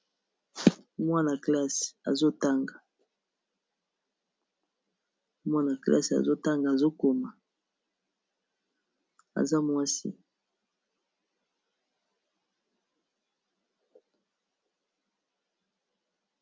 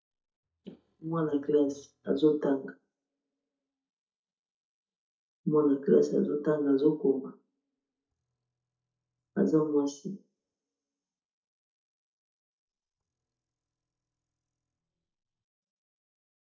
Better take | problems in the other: first | noise reduction (neural mask model DeepFilterNet 3)

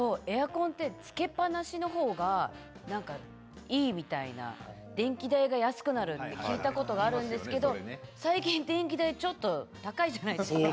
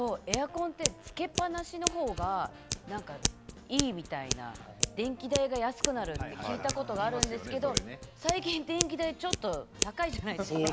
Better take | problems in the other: first | background sound (Scissors); 3 dB below the speech

